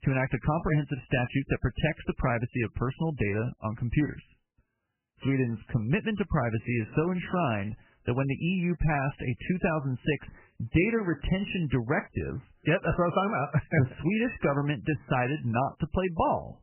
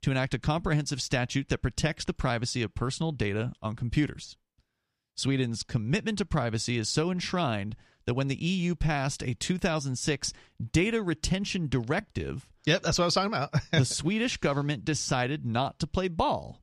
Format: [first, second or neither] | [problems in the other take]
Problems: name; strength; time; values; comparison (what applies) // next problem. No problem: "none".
second | garbled, watery; badly; nothing above 3 kHz